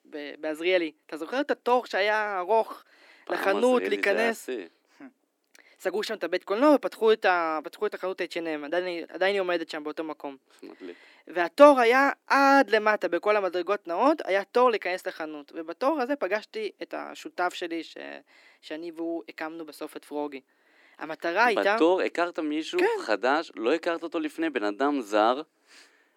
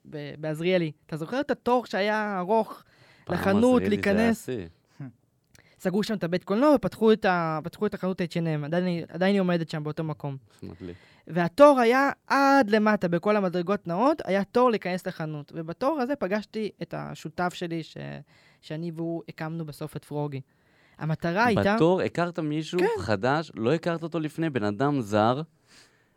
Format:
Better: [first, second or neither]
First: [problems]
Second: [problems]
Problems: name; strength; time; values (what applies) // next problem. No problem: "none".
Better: second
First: thin; very slightly; fading below 300 Hz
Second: none